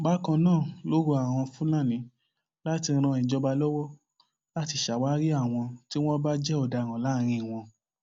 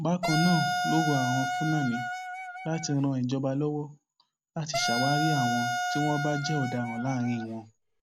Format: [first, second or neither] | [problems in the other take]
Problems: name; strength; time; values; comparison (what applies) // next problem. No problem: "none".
first | background sound (Wind instrument, woodwind instrument); 2 dB below the speech